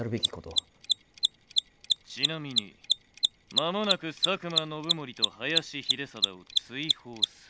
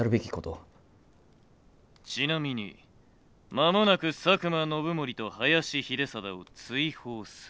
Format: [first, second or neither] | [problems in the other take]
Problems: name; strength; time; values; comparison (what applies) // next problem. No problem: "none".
second | background sound (Mechanisms); 5 dB above the speech